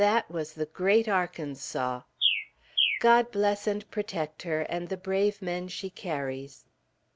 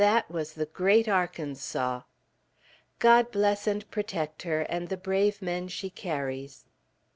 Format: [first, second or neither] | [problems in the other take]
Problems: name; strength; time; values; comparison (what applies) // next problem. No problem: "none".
second | background sound (Bird); 3 dB below the speech